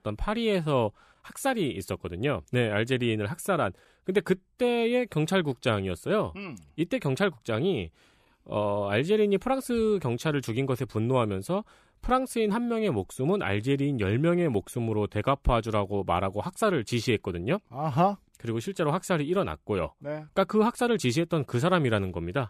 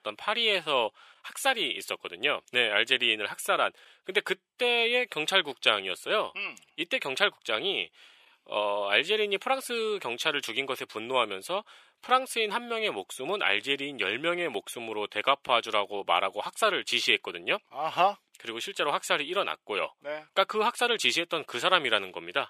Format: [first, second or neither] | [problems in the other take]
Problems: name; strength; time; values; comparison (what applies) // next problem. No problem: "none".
first | thin; very; fading below 550 Hz